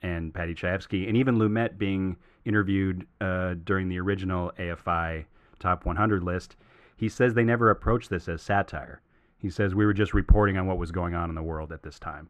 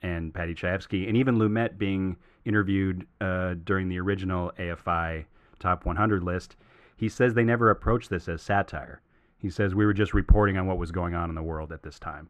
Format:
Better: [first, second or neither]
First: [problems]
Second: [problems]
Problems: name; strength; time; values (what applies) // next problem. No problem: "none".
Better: neither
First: muffled; very; fading above 3 kHz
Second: muffled; very; fading above 3 kHz